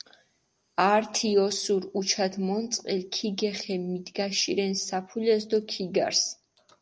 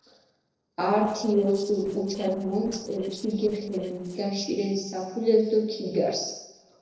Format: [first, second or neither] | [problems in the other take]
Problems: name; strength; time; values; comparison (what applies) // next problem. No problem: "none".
first | noise reduction (neural separator model SepFormer DNS4)